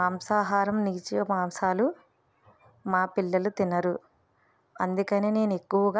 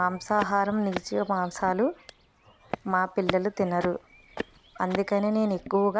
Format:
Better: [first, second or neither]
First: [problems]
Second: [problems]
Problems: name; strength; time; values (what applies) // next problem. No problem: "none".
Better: first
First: none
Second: background sound (Walk, footsteps); 13 dB below the speech